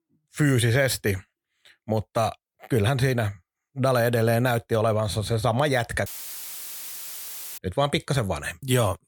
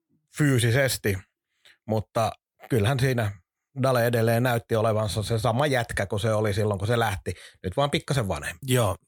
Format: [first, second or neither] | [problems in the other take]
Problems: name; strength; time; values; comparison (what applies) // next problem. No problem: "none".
second | audio cutting out; filled with static; at 6 s for 1.5 s